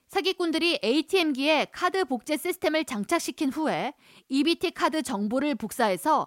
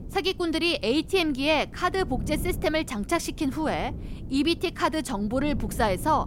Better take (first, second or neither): first